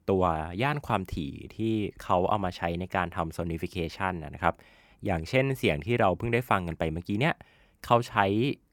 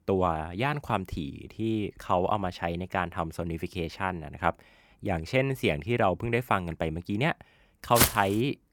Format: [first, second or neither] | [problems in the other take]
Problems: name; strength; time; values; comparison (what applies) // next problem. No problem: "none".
first | footsteps; loud; at 8 s; peak 5 dB above the speech